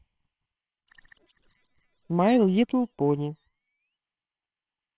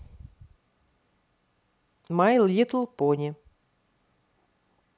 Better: second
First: noise reduction (neural separator model SepFormer WHAMR!)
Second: none

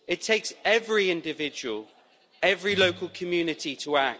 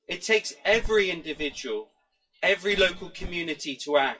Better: first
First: none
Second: noise reduction (classical method WPE with log-MMSE)

